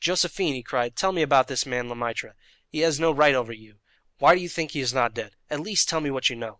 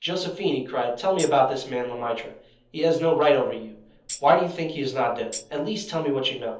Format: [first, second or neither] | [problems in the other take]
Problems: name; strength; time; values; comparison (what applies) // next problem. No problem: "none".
first | background sound (Tambourine); 16 dB below the speech // room echo; dies away in 0.7 s